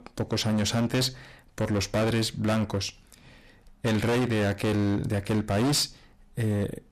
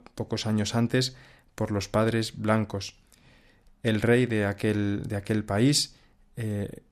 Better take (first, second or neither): second